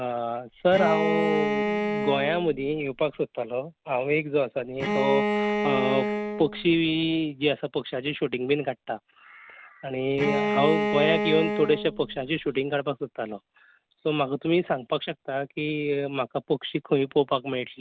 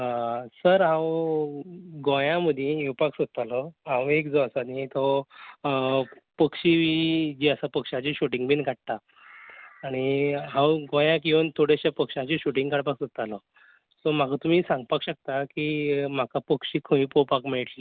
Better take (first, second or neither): second